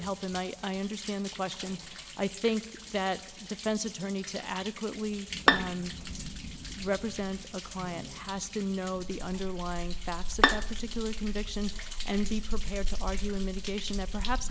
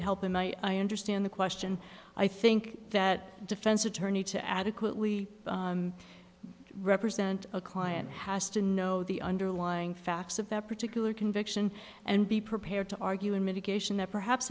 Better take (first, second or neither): second